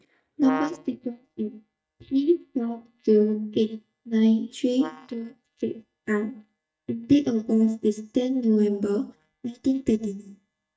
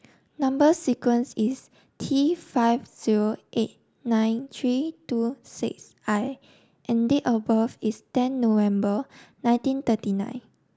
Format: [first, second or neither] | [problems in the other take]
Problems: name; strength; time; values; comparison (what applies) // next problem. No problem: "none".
second | noise reduction (neural mask model DeepFilterNet 3)